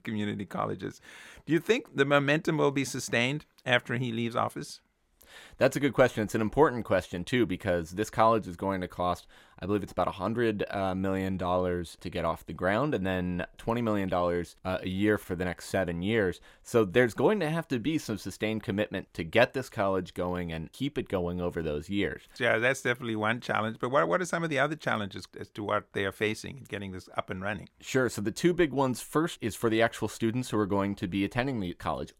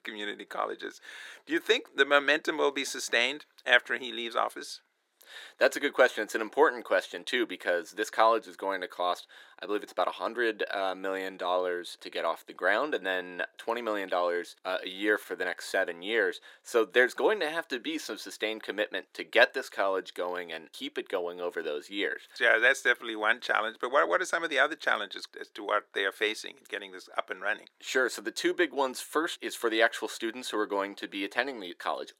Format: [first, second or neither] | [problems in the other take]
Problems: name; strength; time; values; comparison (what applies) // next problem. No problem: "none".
first | thin; somewhat; fading below 350 Hz